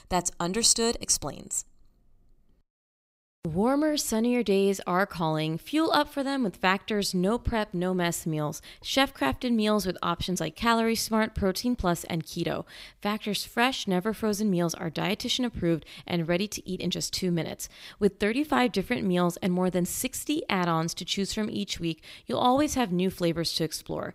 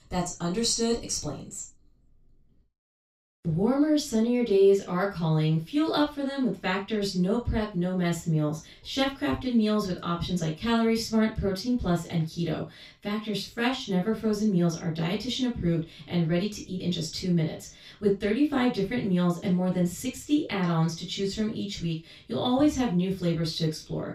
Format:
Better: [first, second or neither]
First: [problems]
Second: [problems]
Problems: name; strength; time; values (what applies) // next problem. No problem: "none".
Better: first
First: none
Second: room echo; noticeable; dies away in 0.2 s // off-mic speech; far